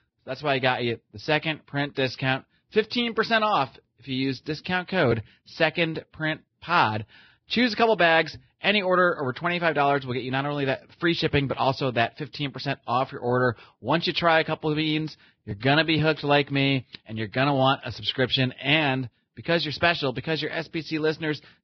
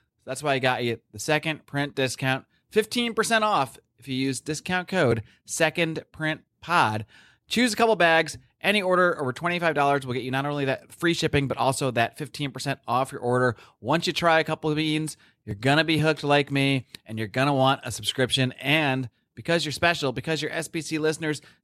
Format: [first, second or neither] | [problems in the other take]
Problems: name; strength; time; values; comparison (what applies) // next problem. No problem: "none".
second | garbled, watery; badly; nothing above 5 kHz